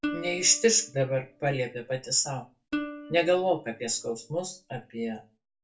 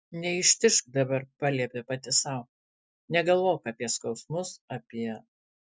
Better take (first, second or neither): second